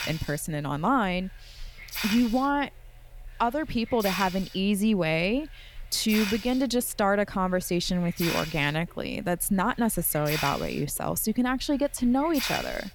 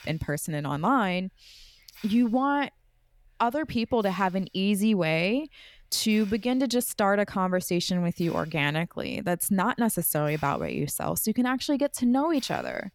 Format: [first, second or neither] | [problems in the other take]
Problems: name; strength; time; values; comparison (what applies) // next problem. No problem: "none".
second | hiss; loud; throughout; 8 dB below the speech; faint in the second